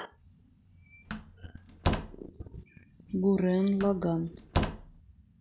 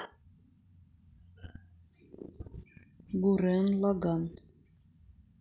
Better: second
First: background sound (Slam); 4 dB below the speech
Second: none

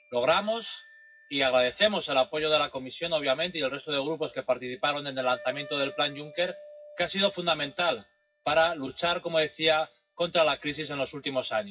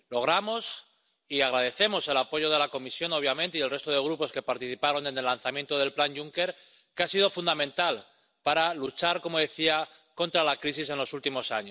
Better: second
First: noise reduction (classical method WPE with log-MMSE)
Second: none

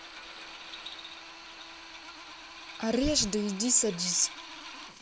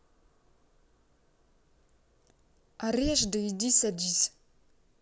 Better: second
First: background sound (Drill); 12 dB below the speech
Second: none

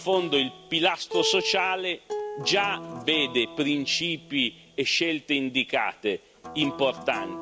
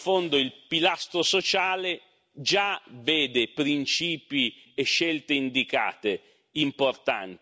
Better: second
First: background sound (Acoustic guitar); 11 dB below the speech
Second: none

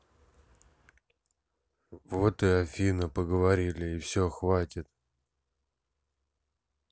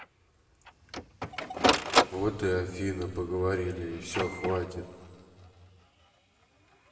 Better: first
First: none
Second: background sound (Printer); 1 dB above the speech // room echo; dies away in 2.8 s

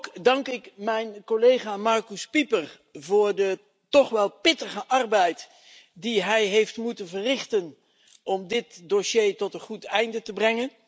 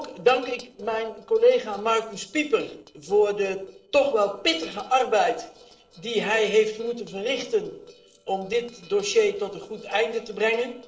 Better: first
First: none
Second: noise reduction (neural separator model SepFormer DNS4)

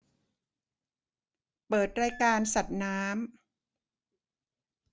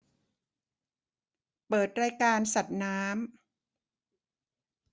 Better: second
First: background sound (Squeak / Screech); 13 dB below the speech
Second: none

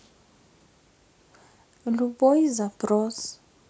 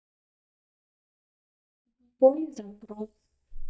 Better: first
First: none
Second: noise reduction (neural mask model DeepFilterNet 3)

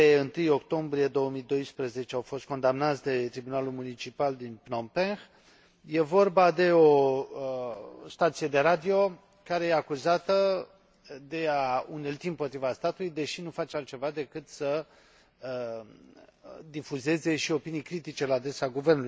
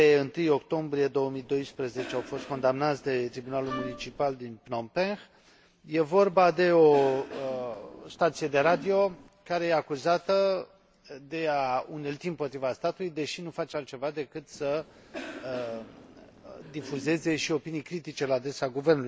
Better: first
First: none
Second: background sound (Wind instrument, woodwind instrument + Cough); 15 dB below the speech

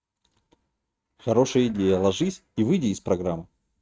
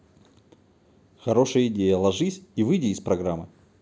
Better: second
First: noise reduction (neural mask model RNNoise)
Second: none

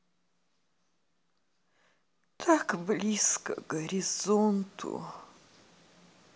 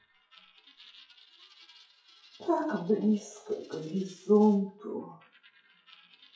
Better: first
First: none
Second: noise reduction (classical method WPE with log-MMSE)

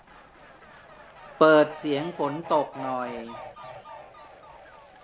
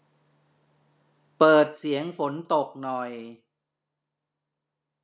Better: second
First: background sound (Fowl); 15 dB below the speech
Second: none

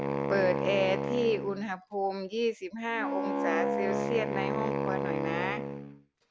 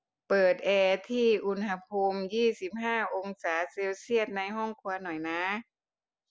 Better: second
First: background sound (Wind instrument, woodwind instrument); as loud as the speech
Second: none

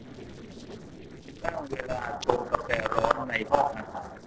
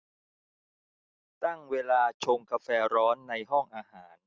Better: second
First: noise reduction (neural separator model SepFormer DNS4)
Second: none

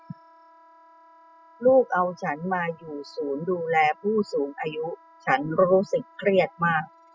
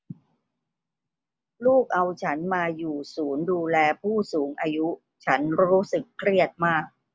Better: second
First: noise reduction (classical method spectral subtraction)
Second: none

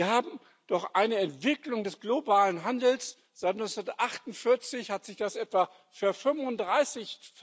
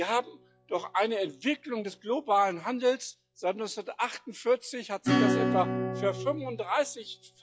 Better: first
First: none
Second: noise reduction (classical method log-MMSE)

